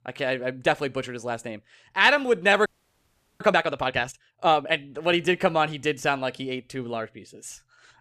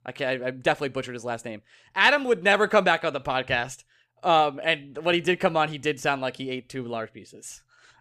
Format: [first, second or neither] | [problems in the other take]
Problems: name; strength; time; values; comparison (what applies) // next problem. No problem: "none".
second | audio freezing; at 2.5 s for 0.5 s